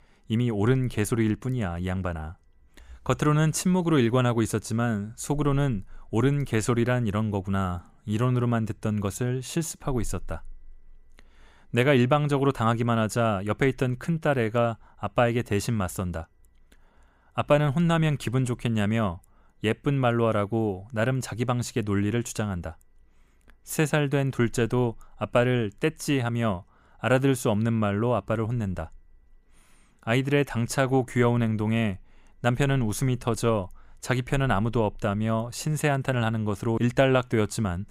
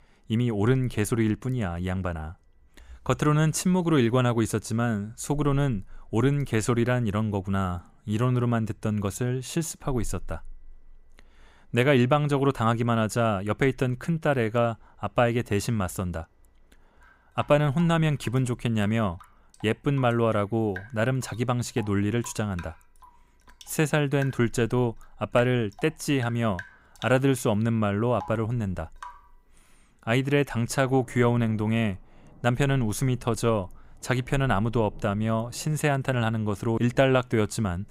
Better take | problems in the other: first | rain or running water; faint; throughout; 25 dB below the speech

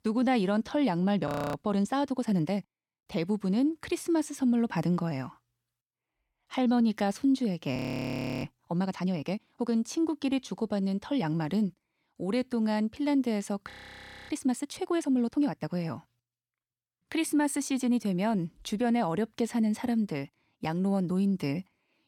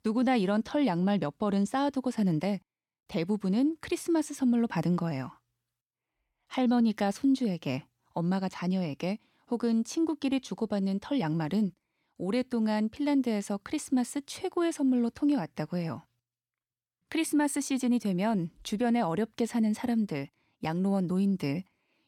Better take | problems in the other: second | audio freezing; at 1.5 s, at 8 s for 0.5 s and at 14 s for 0.5 s

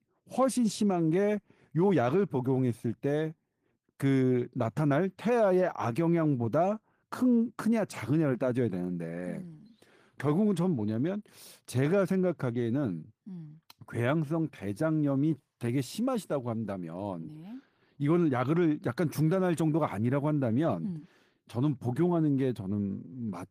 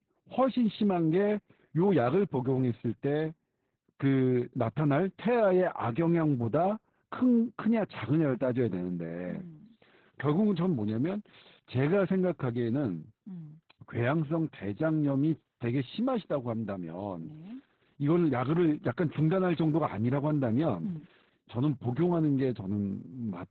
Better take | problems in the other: first | garbled, watery; badly; slightly in the first

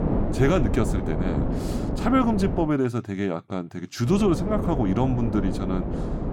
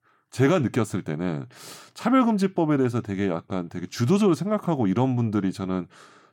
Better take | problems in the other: second | wind noise on the microphone; heavy; until 2.5 s and from 4 s on; 6 dB below the speech

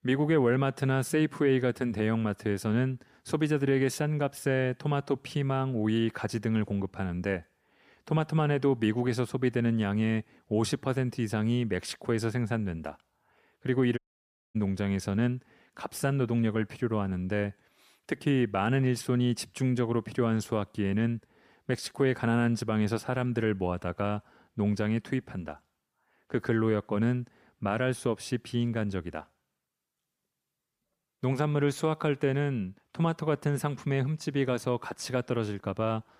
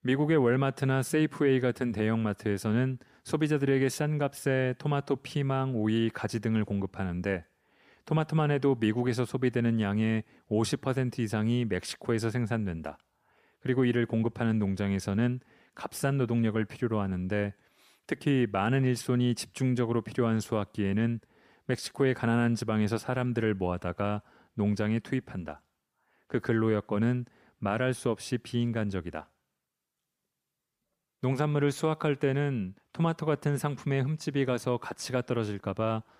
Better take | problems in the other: second | audio cutting out; at 14 s for 0.5 s

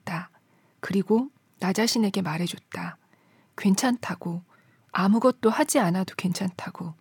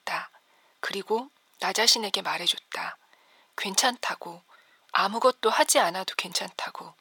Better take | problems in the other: first | thin; very; fading below 700 Hz

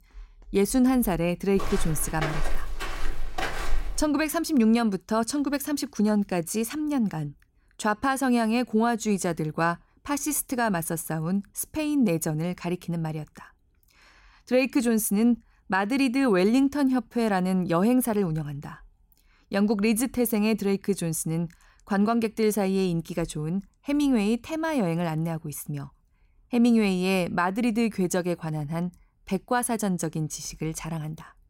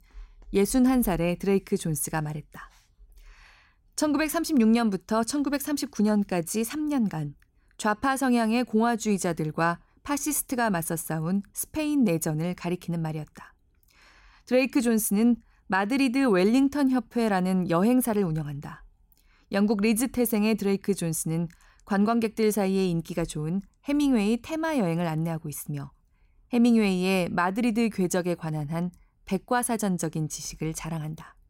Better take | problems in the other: second | footsteps; noticeable; from 1.5 to 4 s; peak 5 dB below the speech

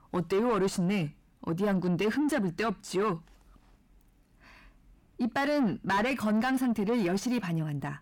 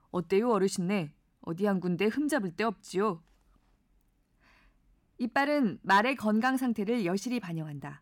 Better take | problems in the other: second | distortion; heavy; 7 dB below the speech

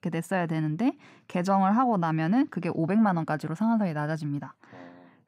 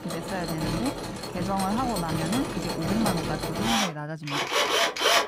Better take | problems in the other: first | machinery noise; very loud; throughout; 3 dB above the speech

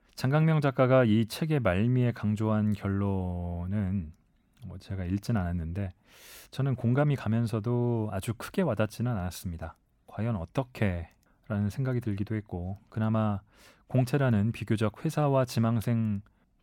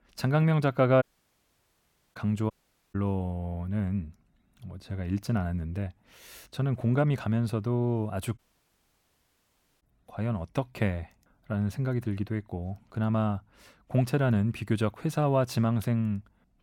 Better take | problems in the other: first | audio cutting out; at 1 s for 1 s, at 2.5 s and at 8.5 s for 1.5 s

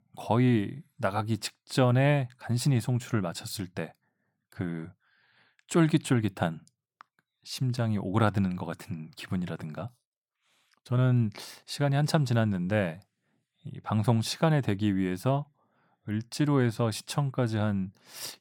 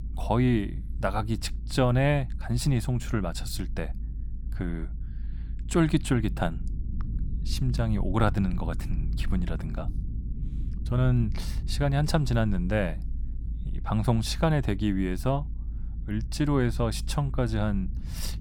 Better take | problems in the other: first | low rumble; noticeable; throughout; 20 dB below the speech

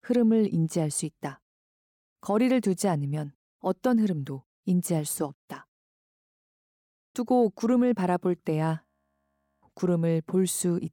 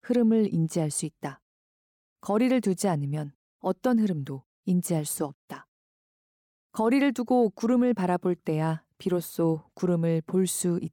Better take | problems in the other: second | audio freezing; at 6.5 s for 0.5 s and at 9 s for 1 s

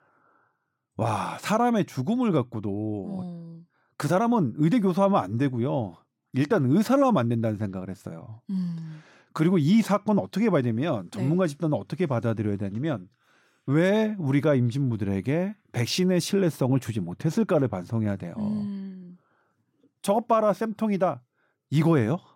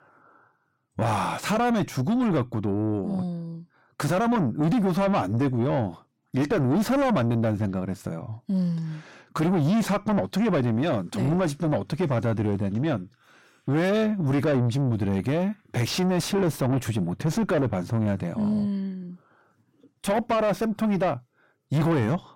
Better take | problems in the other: first | distortion; heavy; 7 dB below the speech

